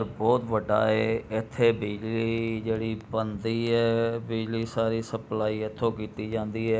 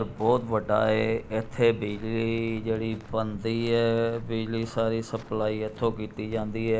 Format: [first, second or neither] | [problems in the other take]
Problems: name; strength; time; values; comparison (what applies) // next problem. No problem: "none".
first | background sound (Walk, footsteps); 17 dB below the speech